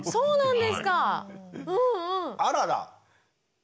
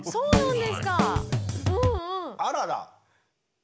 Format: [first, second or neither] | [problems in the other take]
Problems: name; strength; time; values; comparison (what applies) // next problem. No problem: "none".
first | background sound (Drum kit); 3 dB above the speech